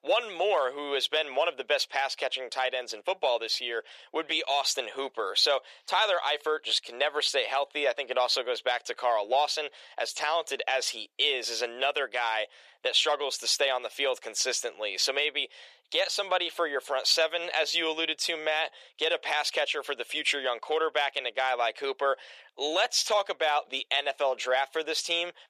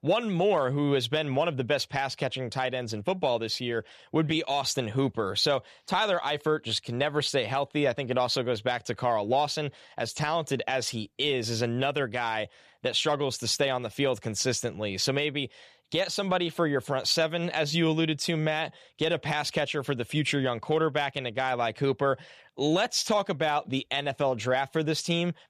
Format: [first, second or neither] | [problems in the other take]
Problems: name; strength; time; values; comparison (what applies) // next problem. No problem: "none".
second | thin; very; fading below 450 Hz